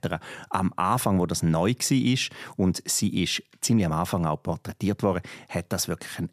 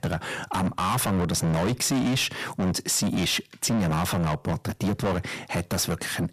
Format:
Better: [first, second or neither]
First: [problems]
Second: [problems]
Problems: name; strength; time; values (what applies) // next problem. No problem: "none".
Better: first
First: none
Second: distortion; heavy; 6 dB below the speech